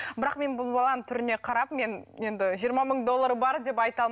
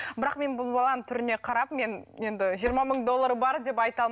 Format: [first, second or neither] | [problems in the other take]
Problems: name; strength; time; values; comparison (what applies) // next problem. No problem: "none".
first | noise reduction (neural mask model Resemble Enhance denoiser)